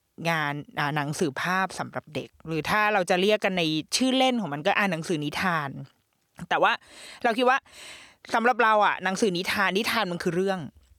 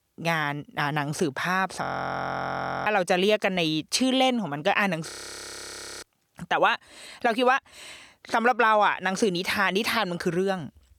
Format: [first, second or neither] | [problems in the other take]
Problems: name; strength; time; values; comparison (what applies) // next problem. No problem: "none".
first | audio freezing; at 2 s for 1 s and at 5 s for 1 s